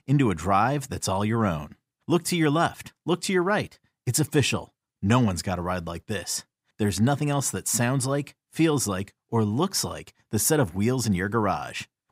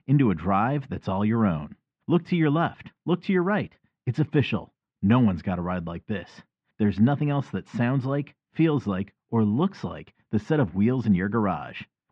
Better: first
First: none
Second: muffled; very; fading above 3 kHz

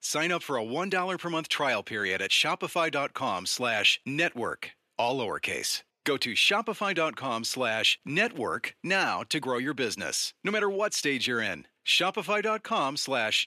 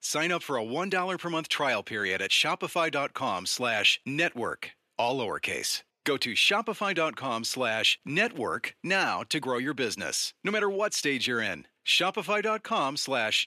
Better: neither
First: thin; somewhat; fading below 350 Hz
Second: thin; somewhat; fading below 350 Hz

